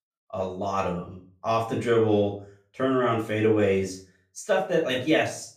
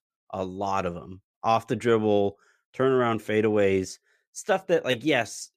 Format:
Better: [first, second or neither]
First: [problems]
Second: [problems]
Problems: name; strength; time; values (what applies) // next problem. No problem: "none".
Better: second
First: off-mic speech; far // room echo; slight; dies away in 0.3 s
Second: none